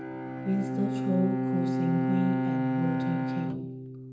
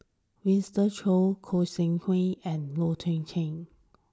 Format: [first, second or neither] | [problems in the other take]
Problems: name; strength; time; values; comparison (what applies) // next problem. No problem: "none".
second | background sound (Bowed string instrument); 2 dB above the speech // room echo; dies away in 0.9 s